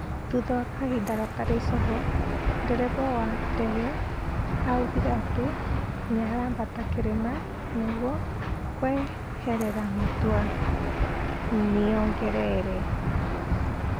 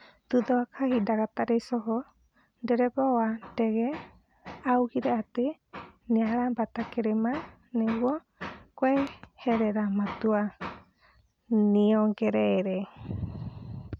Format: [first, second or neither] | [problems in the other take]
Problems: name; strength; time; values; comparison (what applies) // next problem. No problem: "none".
second | background sound (Engine / Aircraft); 1 dB above the speech